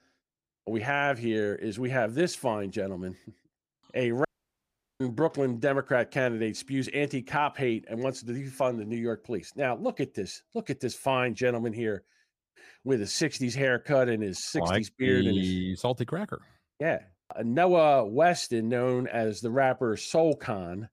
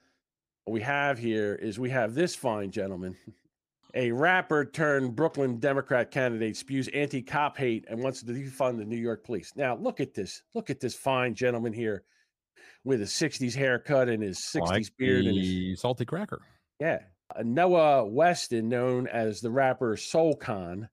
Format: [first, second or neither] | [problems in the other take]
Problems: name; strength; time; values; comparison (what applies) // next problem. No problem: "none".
second | audio cutting out; at 4.5 s for 1 s